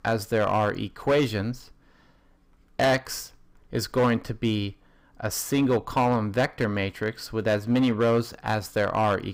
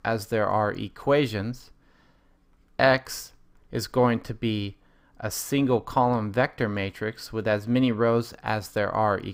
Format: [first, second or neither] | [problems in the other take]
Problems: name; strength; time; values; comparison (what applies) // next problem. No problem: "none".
second | distortion; slight; 4% of the sound clipped